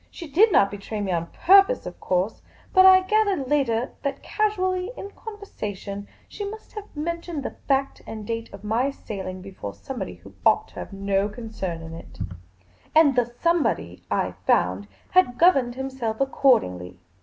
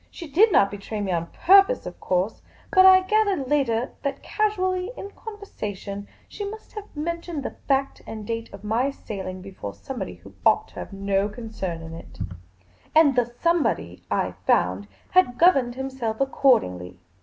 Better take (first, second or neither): first